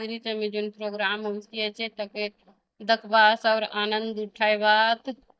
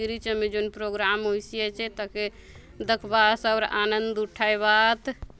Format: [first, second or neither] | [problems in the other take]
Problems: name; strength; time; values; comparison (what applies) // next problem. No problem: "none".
second | noise reduction (neural mask model DeepFilterNet 3)